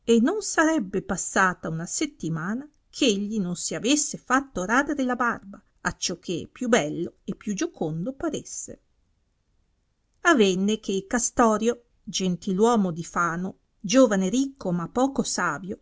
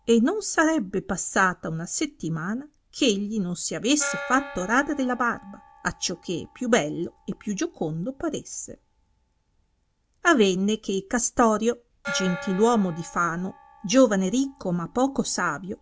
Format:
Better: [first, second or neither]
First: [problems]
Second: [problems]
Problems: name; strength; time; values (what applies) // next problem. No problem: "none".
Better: first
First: none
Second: background sound (Gong); 17 dB below the speech